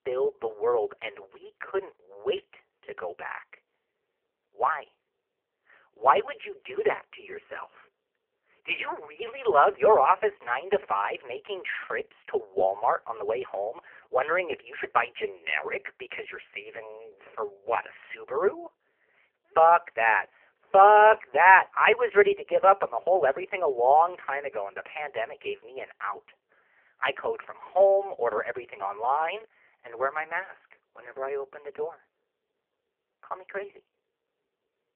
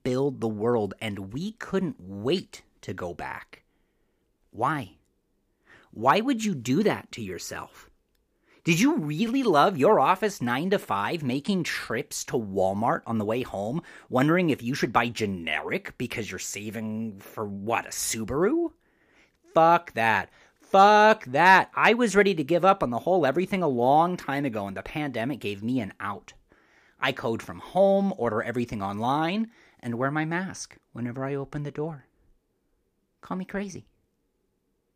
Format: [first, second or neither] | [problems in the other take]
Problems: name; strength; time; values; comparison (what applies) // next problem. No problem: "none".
second | phone-call audio; poor line; nothing above 3 kHz